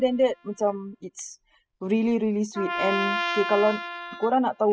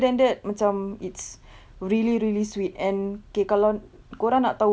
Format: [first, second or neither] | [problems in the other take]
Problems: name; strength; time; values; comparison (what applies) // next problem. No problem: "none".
second | noise reduction (classical method spectral subtraction)